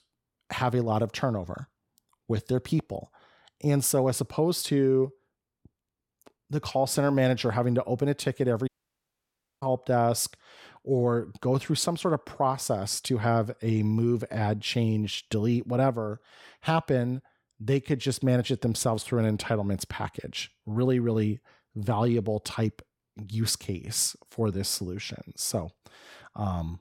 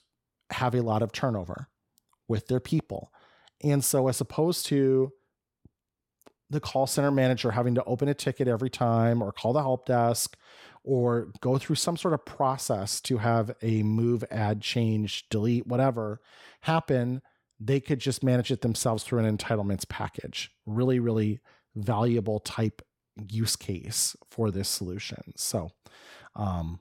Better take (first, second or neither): second